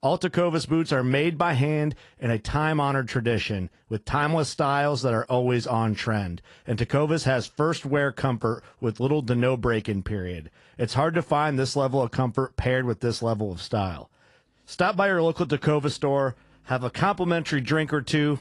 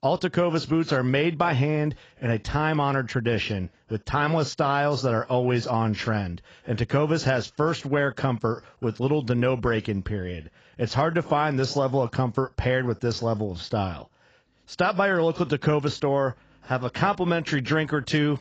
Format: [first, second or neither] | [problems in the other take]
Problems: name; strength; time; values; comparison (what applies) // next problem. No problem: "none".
first | garbled, watery; badly; nothing above 7.5 kHz; slightly in the first